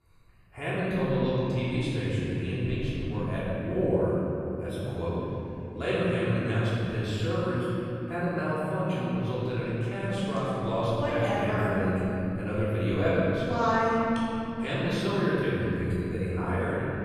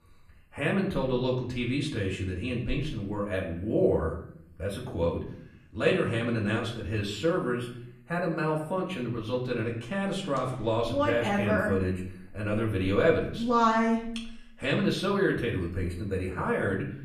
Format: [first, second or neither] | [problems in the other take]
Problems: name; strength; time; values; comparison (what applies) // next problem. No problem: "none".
second | room echo; strong; dies away in 3 s; slight in the second // off-mic speech; far; far in the second